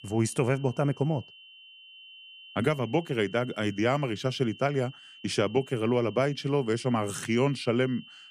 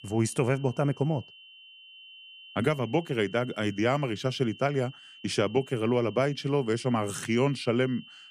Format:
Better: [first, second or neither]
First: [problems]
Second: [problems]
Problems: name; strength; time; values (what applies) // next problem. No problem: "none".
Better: neither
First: high-pitched whine; noticeable; throughout; 3 kHz, 20 dB below the speech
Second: high-pitched whine; noticeable; throughout; 3 kHz, 20 dB below the speech